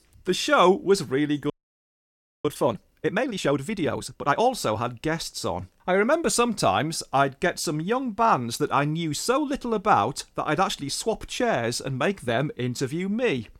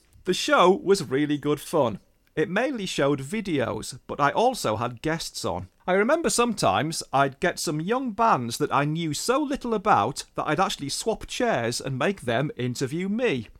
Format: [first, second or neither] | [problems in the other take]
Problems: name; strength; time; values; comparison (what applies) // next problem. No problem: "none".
second | audio freezing; at 1.5 s for 1 s